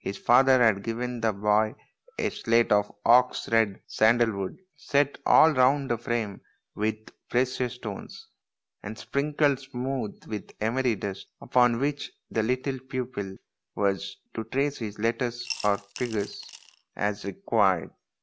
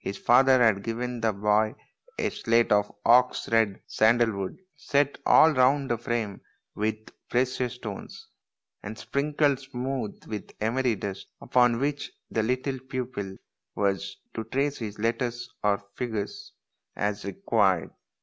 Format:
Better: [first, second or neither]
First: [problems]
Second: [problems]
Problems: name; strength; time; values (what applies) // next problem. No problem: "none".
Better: second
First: background sound (Coin (dropping) / Glass); 14 dB below the speech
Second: none